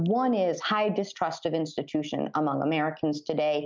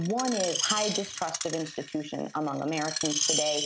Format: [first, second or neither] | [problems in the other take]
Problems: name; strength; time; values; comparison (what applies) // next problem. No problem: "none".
first | background sound (Screech); 2 dB below the speech